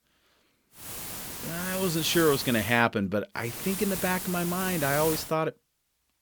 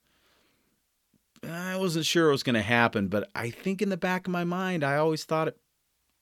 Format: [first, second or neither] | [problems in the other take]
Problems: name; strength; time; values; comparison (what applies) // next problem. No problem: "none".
second | hiss; loud; from 1 to 3 s and from 3.5 to 5 s; 6 dB below the speech